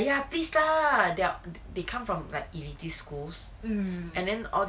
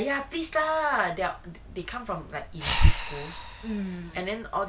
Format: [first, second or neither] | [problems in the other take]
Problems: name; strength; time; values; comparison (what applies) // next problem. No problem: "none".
first | background sound (Breathing); 2 dB above the speech